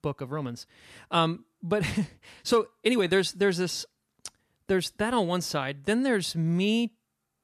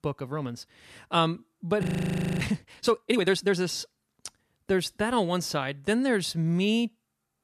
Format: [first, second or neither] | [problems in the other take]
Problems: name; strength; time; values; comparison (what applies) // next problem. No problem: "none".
first | audio freezing; at 2 s for 0.5 s